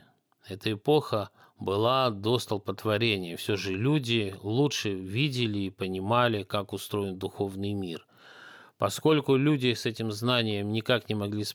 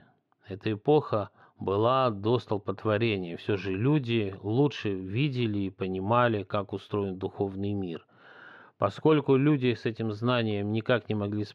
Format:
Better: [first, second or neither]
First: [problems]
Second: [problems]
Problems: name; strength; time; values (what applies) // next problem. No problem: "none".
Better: first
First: none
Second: muffled; slightly; fading above 2 kHz